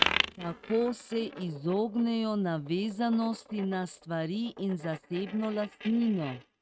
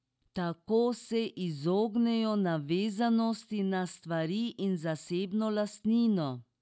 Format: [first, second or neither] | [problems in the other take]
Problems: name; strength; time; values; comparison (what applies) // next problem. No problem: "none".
second | noise reduction (neural mask model RNNoise)